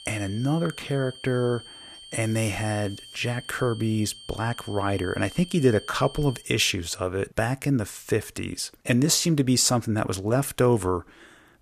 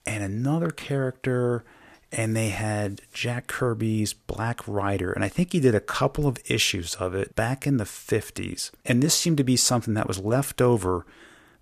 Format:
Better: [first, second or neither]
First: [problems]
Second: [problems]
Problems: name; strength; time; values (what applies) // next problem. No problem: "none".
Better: second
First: high-pitched whine; noticeable; until 6.5 s; 3 kHz, 15 dB below the speech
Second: none